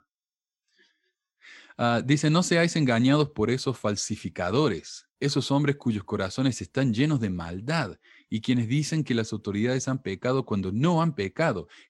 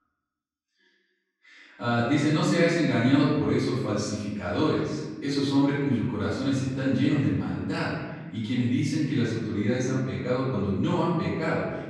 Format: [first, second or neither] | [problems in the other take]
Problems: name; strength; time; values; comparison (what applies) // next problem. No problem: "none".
first | off-mic speech; far // room echo; strong; dies away in 1.3 s